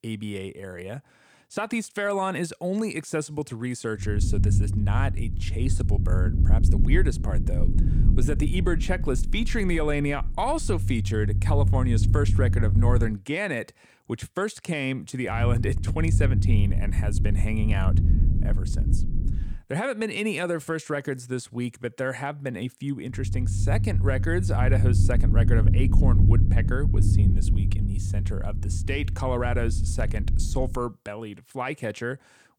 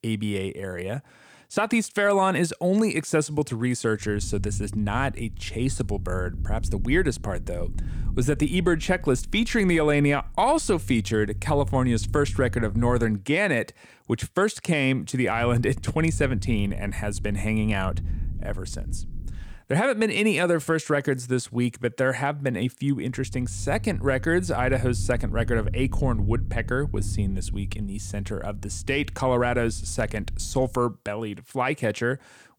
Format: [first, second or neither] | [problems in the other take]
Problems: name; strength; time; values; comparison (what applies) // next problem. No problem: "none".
second | low rumble; loud; from 4 to 13 s, from 15 to 20 s and from 23 to 31 s; 8 dB below the speech; faint in the second